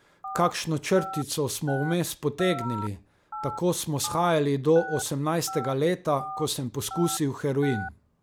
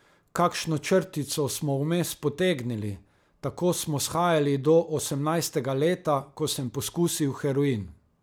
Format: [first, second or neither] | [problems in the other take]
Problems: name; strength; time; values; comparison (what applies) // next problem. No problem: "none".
second | background sound (Telephone); 12 dB below the speech